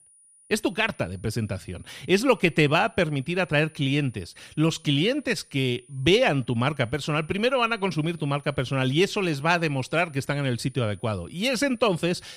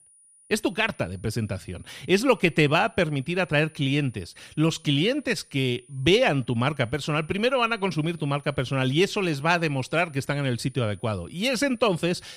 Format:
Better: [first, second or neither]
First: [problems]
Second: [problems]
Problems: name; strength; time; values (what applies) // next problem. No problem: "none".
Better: neither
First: high-pitched whine; faint; throughout; 9.5 kHz, 30 dB below the speech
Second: high-pitched whine; faint; throughout; 9.5 kHz, 30 dB below the speech